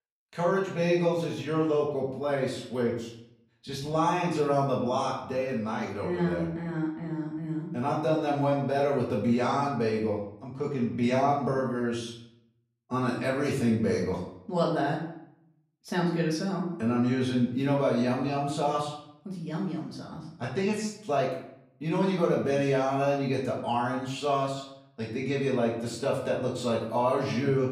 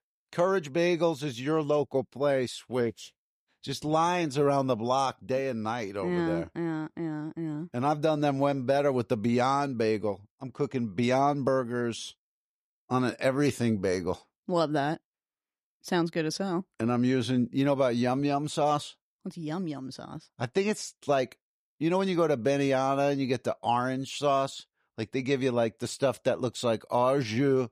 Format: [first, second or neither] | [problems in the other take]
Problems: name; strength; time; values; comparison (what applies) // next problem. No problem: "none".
second | room echo; noticeable; dies away in 0.6 s // off-mic speech; far